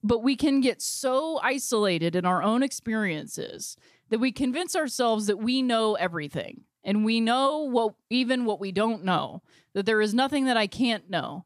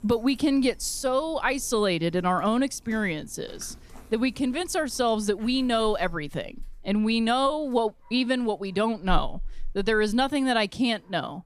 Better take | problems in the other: first | animal sounds; faint; throughout; 20 dB below the speech

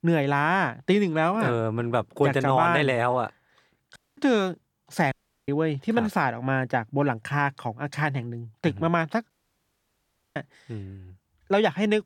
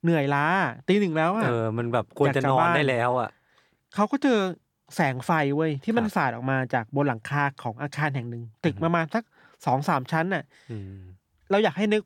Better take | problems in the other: second | audio cutting out; at 4 s, at 5 s and at 9.5 s for 1 s

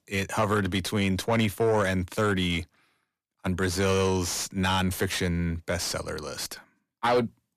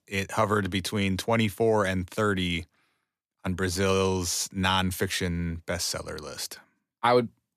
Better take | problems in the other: second | distortion; slight; 10 dB below the speech

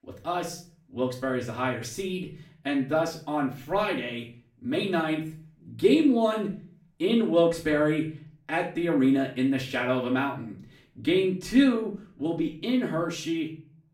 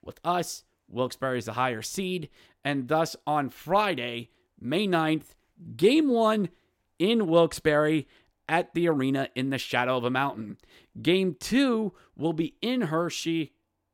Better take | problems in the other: second | off-mic speech; far // room echo; slight; dies away in 0.4 s

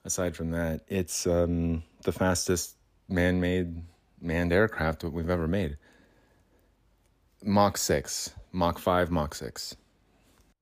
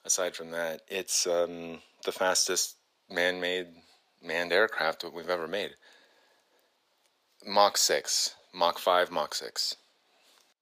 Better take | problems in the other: first | thin; very; fading below 600 Hz

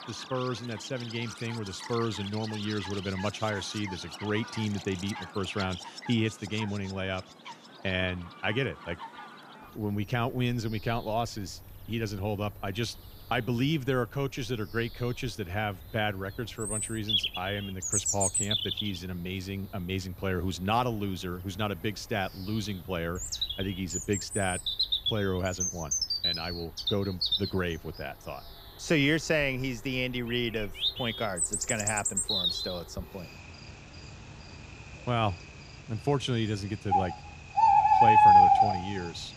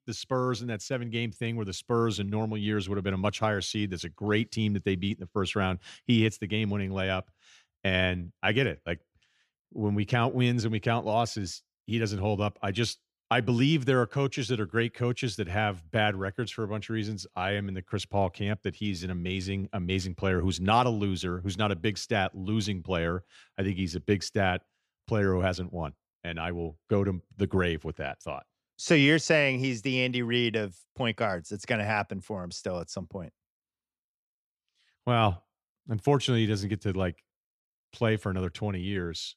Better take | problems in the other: second | animal sounds; very loud; throughout; 4 dB above the speech

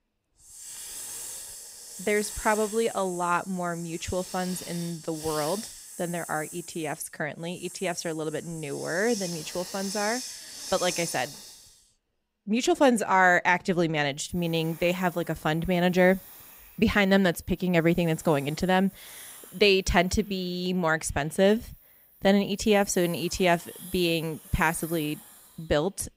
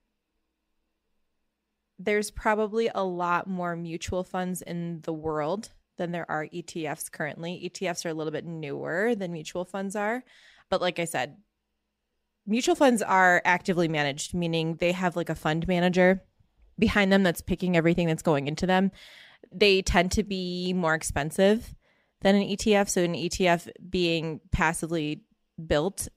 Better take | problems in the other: second | hiss; noticeable; throughout; 15 dB below the speech

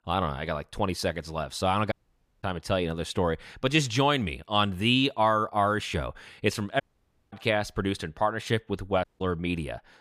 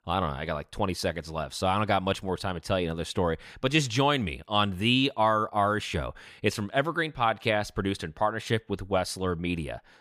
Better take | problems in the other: second | audio cutting out; at 2 s for 0.5 s, at 7 s for 0.5 s and at 9 s

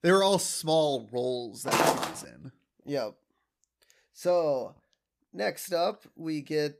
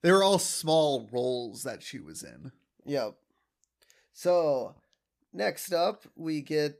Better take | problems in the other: second | footsteps; loud; at 1.5 s; peak 4 dB above the speech

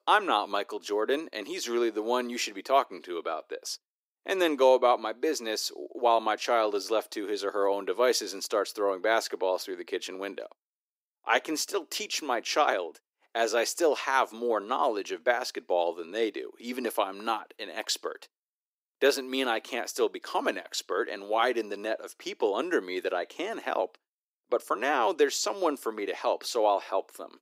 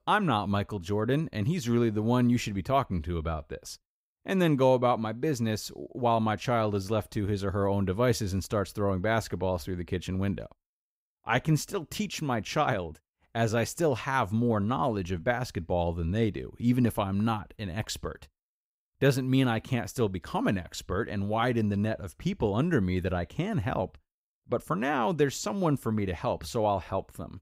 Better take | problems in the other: second | thin; very; fading below 300 Hz

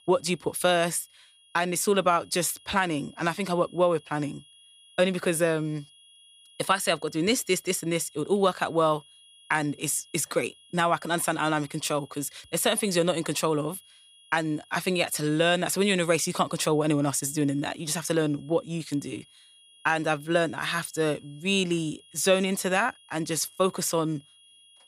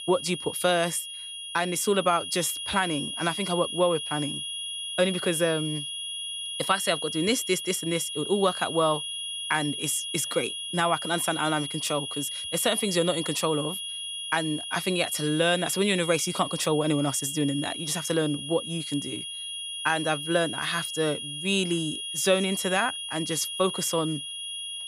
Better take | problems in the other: first | high-pitched whine; loud; throughout; 3.5 kHz, 5 dB below the speech; faint in the first

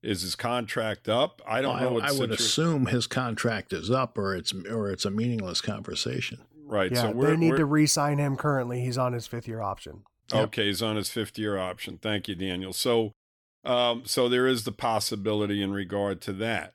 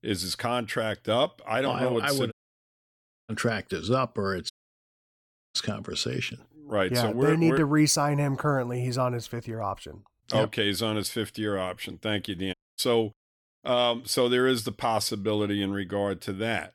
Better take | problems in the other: first | audio cutting out; at 2.5 s for 1 s, at 4.5 s for 1 s and at 13 s

